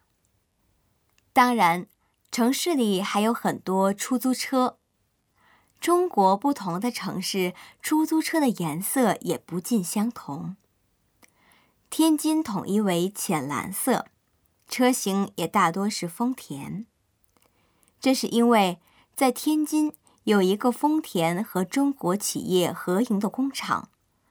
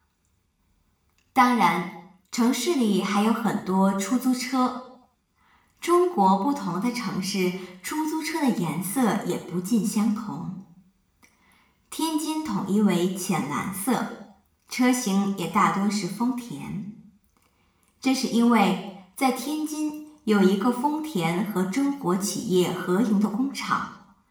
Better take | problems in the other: first | room echo; slight; dies away in 0.7 s // off-mic speech; somewhat distant

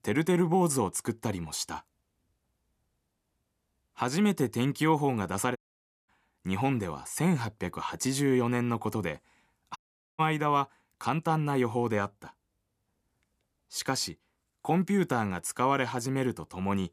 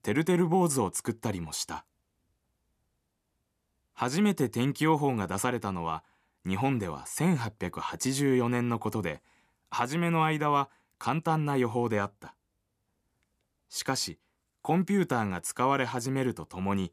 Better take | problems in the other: second | audio cutting out; at 5.5 s for 0.5 s and at 10 s

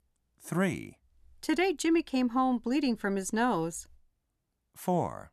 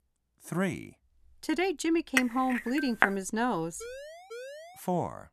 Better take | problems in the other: first | clattering dishes; loud; at 2 s; peak 3 dB above the speech // siren; faint; from 4 to 5 s; peak 10 dB below the speech

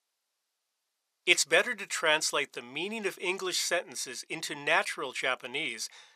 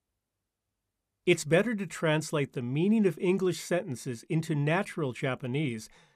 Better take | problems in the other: second | thin; very; fading below 750 Hz

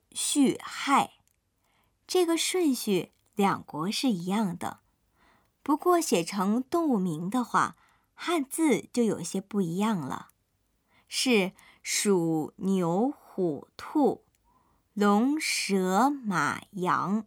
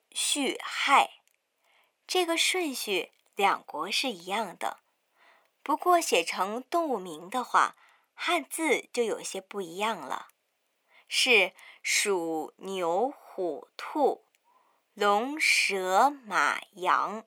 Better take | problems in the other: first | thin; very; fading below 500 Hz

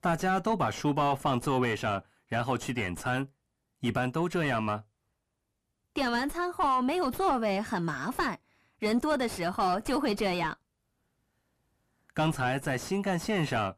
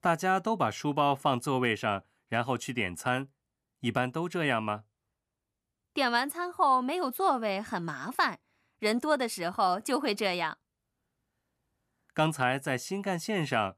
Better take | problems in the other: second | distortion; heavy; 6 dB below the speech

